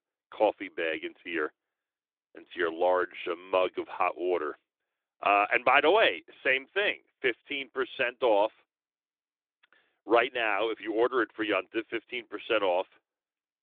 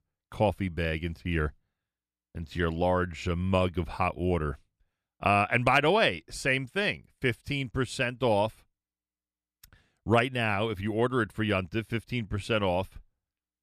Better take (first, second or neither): second